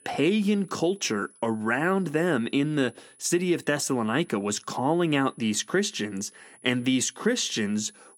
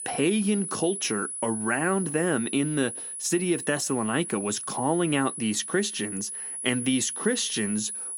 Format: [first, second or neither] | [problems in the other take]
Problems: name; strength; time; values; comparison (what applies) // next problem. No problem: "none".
first | high-pitched whine; loud; throughout; 10.5 kHz, 5 dB below the speech; faint in the first